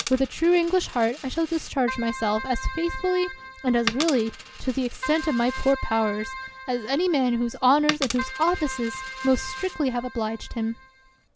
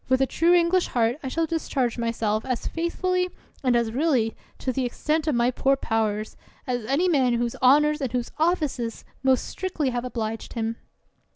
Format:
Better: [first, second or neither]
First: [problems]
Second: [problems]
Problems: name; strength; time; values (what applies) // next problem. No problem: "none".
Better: second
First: background sound (Coin (dropping) + Keyboard (musical)); 11 dB below the speech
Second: none